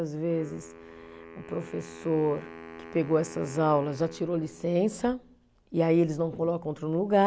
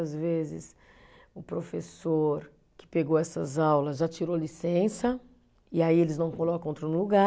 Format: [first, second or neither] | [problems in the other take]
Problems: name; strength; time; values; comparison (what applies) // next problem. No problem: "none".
second | background sound (Wind instrument, woodwind instrument); 19 dB below the speech